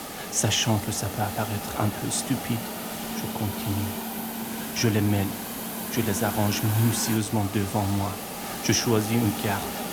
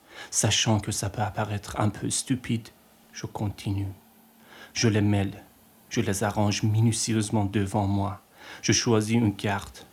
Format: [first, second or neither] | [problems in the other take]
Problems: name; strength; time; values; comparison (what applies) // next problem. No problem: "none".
second | hiss; loud; throughout; 5 dB below the speech; faint in the second